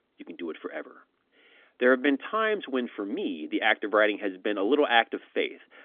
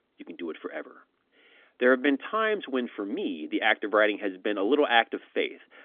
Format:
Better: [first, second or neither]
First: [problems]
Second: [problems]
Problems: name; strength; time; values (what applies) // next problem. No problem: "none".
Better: neither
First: phone-call audio; nothing above 3.5 kHz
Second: phone-call audio; nothing above 3.5 kHz